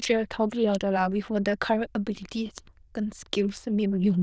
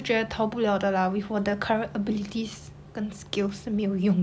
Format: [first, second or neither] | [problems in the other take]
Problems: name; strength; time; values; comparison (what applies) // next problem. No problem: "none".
second | noise reduction (neural diffusion model UNIVERSE++)